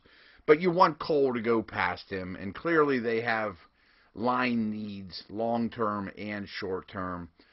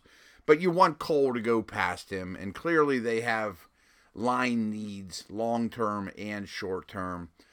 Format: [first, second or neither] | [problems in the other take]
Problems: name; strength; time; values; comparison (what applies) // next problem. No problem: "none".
second | garbled, watery; badly; nothing above 5.5 kHz